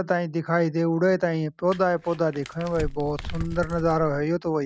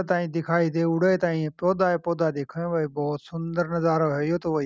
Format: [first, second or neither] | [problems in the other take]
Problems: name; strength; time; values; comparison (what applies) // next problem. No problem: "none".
second | background sound (Crumpling, crinkling); 11 dB below the speech